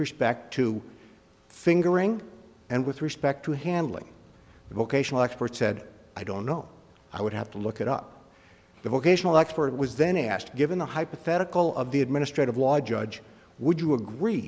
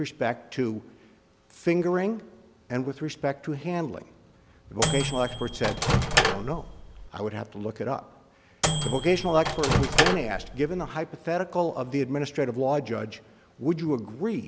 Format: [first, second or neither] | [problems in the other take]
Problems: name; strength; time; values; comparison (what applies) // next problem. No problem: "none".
first | background sound (Microwave oven); 2 dB above the speech